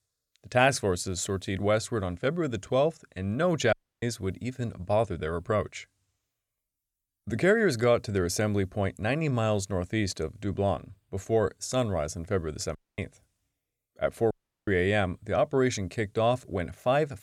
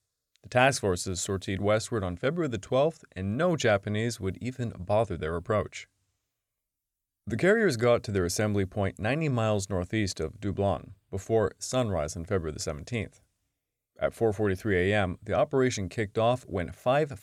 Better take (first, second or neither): second